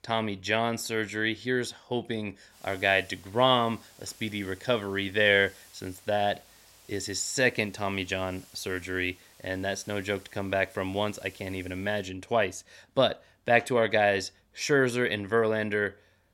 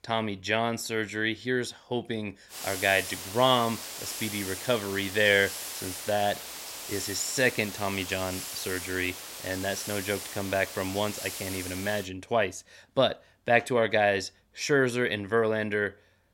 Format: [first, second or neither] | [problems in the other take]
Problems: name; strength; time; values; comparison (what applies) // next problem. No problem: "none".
first | hiss; loud; from 2.5 to 12 s; 8 dB below the speech; faint in the first